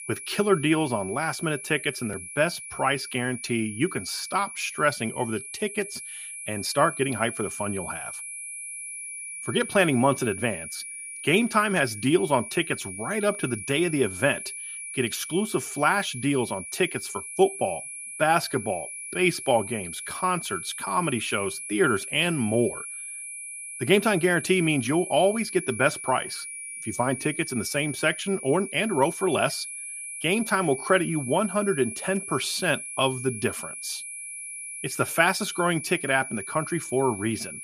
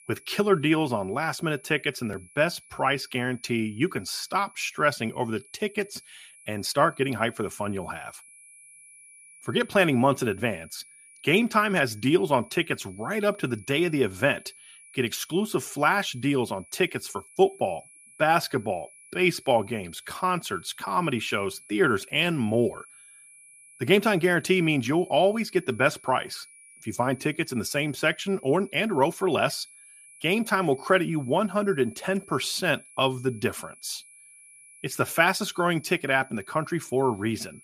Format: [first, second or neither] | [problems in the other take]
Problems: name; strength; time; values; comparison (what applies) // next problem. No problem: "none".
second | high-pitched whine; loud; throughout; 10.5 kHz, 9 dB below the speech; faint in the second